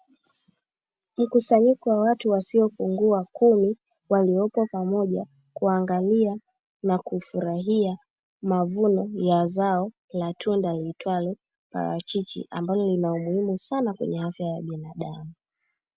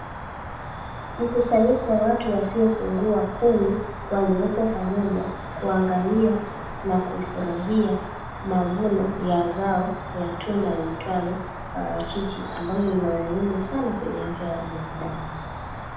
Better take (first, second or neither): first